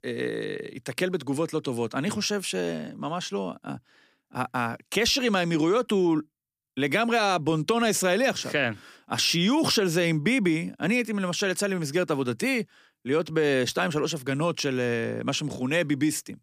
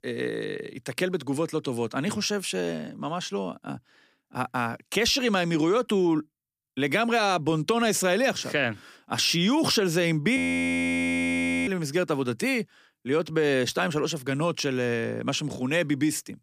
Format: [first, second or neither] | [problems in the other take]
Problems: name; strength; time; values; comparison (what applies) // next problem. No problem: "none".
first | audio freezing; at 10 s for 1.5 s